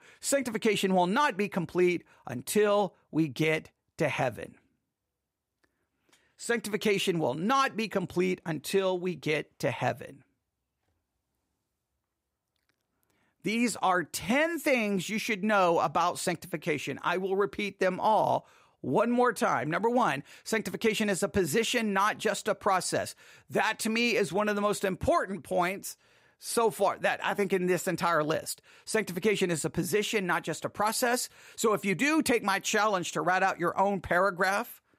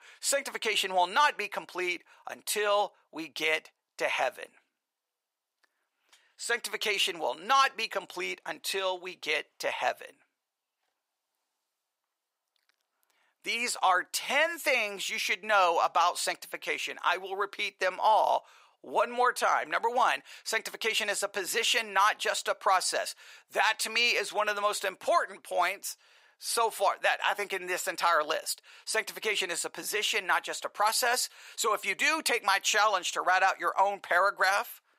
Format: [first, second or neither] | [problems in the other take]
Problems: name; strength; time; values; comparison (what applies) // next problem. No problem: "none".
first | thin; very; fading below 750 Hz